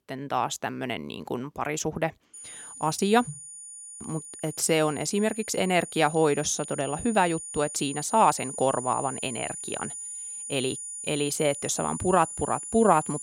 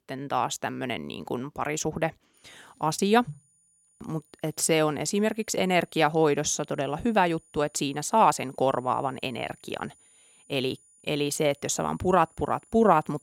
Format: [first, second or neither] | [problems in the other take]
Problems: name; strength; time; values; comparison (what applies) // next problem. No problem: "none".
second | high-pitched whine; loud; from 2.5 s on; 9.5 kHz, 9 dB below the speech; faint in the second